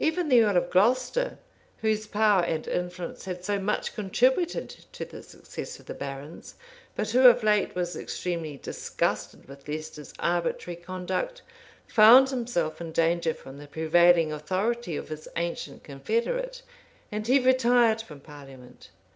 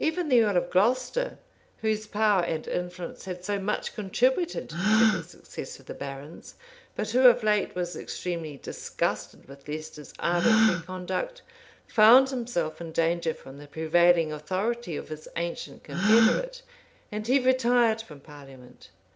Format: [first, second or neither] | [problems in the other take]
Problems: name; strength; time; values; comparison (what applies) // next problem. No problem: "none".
first | background sound (Gasp); 7 dB below the speech